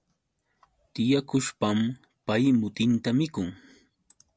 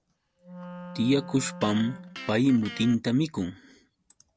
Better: first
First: none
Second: background sound (Wind instrument, woodwind instrument + Electric guitar); 15 dB below the speech

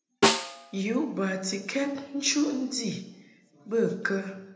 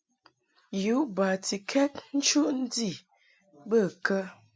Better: second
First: background sound (Snare drum); 1 dB below the speech // room echo; dies away in 0.8 s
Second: none

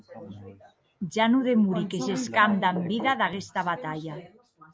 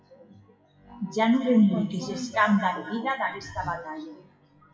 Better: first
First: none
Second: noise reduction (classical method WPE with log-MMSE)

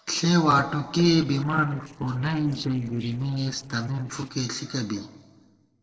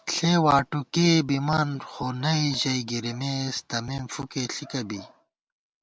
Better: second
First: noise reduction (neural separator model SepFormer DNS4)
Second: none

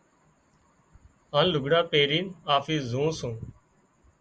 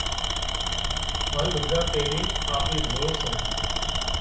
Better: first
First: none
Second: background sound (Tools); 5 dB above the speech // room echo; dies away in 0.6 s

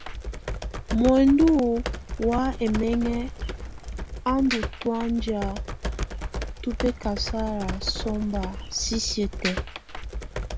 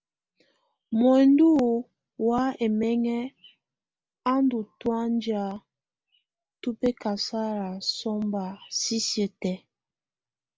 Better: second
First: background sound (Computer keyboard); 6 dB below the speech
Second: none

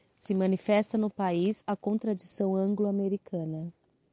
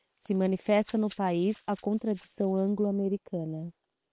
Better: first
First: none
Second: noise reduction (neural separator model SepFormer WHAM!)

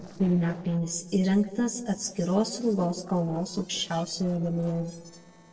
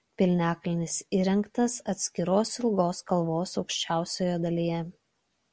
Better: second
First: noise reduction (neural separator model SepFormer DNS4)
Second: none

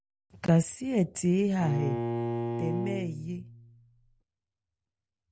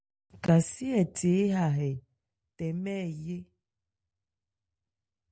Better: second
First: background sound (Bowed string instrument); 3 dB below the speech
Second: none

